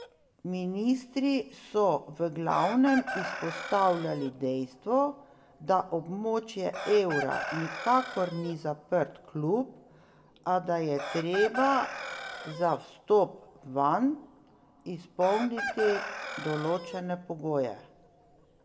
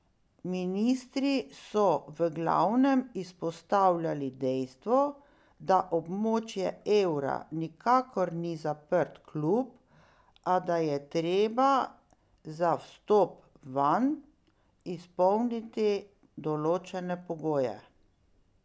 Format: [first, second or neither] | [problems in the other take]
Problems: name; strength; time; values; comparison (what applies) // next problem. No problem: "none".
second | background sound (Chicken, rooster); 11 dB below the speech // room echo; dies away in 1.5 s